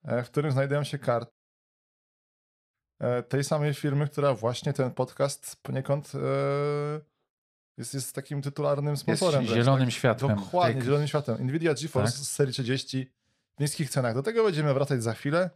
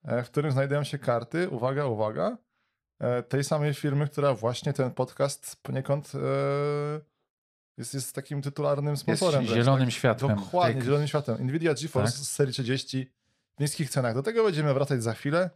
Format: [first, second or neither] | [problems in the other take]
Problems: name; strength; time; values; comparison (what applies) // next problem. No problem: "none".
second | audio cutting out; at 1.5 s for 1.5 s